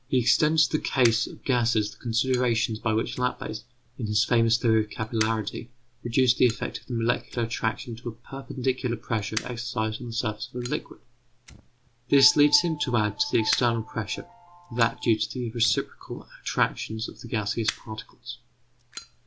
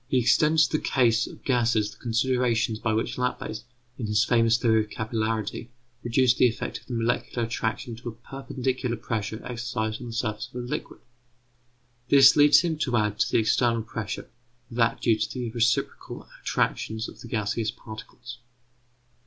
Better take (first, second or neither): second